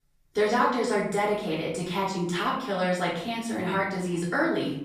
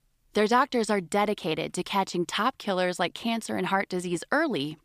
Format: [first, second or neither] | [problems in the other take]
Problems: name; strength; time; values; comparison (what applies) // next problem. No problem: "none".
second | off-mic speech; far // room echo; noticeable; dies away in 0.7 s